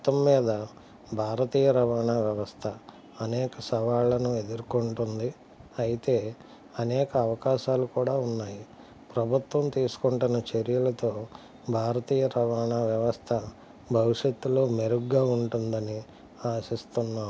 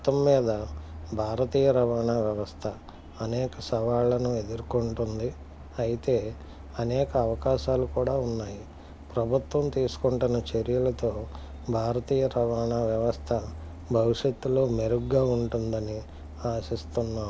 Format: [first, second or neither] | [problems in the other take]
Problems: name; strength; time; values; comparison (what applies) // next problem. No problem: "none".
first | background sound (Truck); 14 dB below the speech